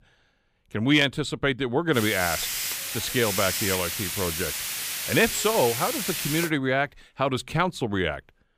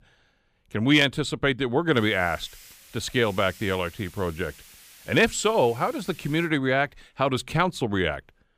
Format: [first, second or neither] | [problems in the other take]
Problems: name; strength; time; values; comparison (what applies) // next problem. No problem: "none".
second | hiss; loud; from 2 to 6.5 s; 2 dB below the speech; faint in the second